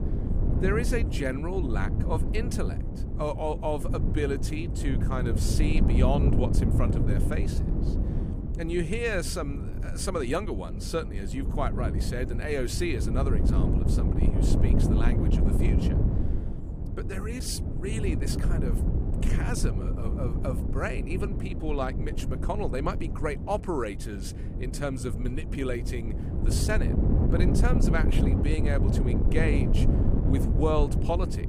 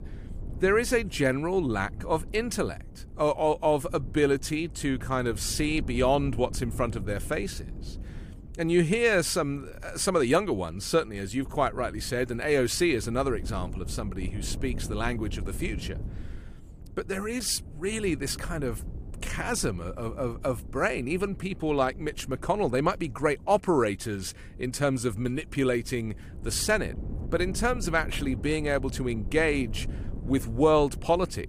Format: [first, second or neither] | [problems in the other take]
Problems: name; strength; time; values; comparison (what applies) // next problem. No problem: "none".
second | wind noise on the microphone; heavy; 4 dB below the speech; occasional gusts in the second